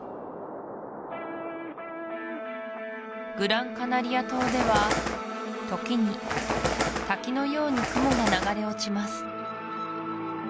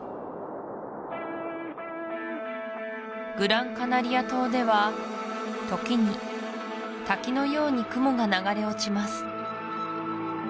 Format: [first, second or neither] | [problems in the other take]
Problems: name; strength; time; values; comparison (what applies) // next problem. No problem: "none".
second | background sound (Bird); 1 dB above the speech